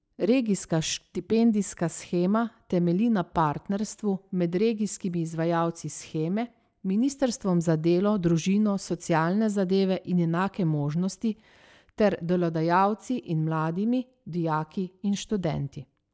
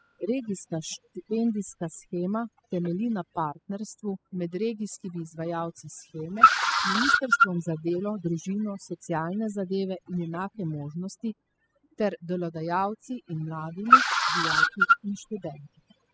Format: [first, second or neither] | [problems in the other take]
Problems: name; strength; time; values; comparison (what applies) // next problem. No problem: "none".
first | noise reduction (classical method spectral subtraction)